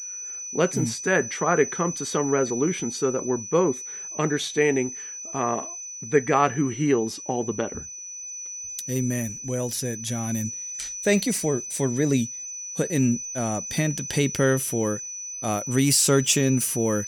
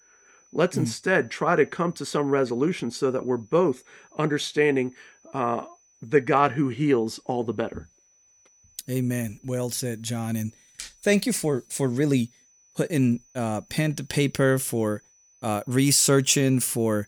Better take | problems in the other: second | high-pitched whine; loud; throughout; 6 kHz, 8 dB below the speech; faint in the second

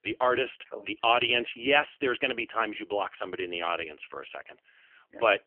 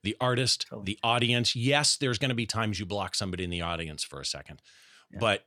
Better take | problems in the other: second | phone-call audio; poor line; nothing above 3 kHz

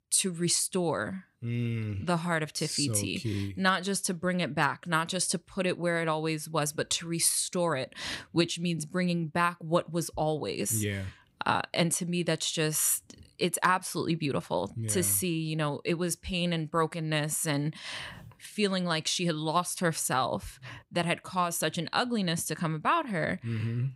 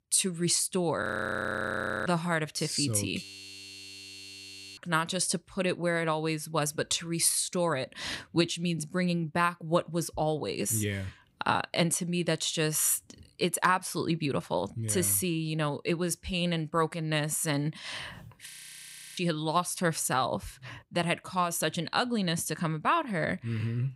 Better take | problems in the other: first | audio freezing; at 1 s for 1 s, at 3 s for 1.5 s and at 18 s for 0.5 s

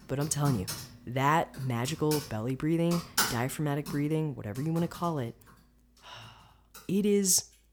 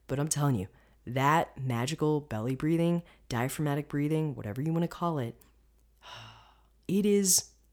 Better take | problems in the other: second | household noises; loud; throughout; 6 dB below the speech

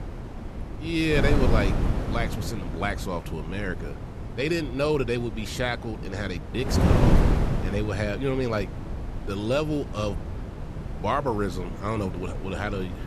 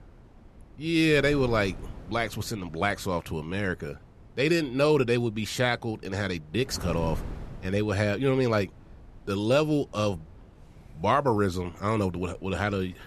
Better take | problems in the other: second | wind noise on the microphone; heavy; 7 dB below the speech; occasional gusts in the second

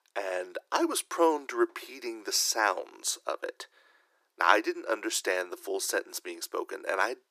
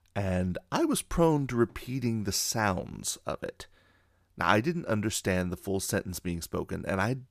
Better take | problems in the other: second | thin; very; fading below 350 Hz

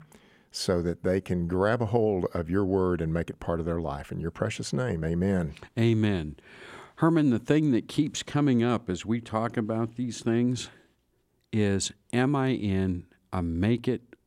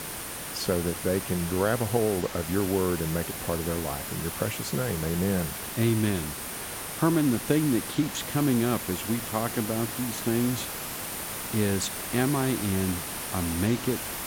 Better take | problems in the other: first | hiss; loud; throughout; 5 dB below the speech

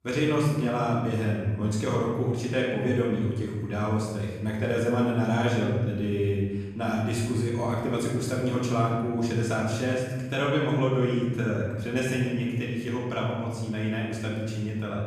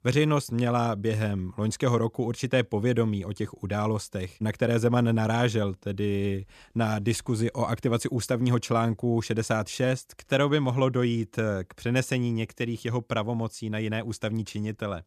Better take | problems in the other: second | off-mic speech; far // room echo; noticeable; dies away in 1.4 s

